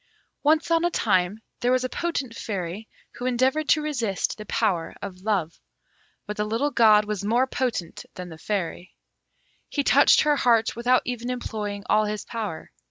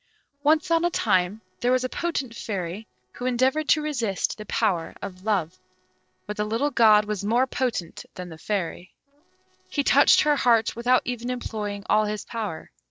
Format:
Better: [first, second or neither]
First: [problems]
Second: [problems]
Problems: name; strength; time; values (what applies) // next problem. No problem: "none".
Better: first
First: none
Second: noise reduction (neural separator model SepFormer DNS4)